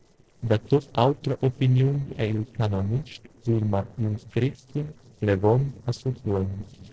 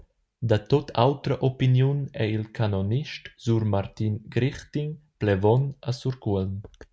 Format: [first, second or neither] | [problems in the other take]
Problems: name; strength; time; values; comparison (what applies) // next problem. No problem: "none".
second | noise reduction (neural separator model SepFormer DNS4)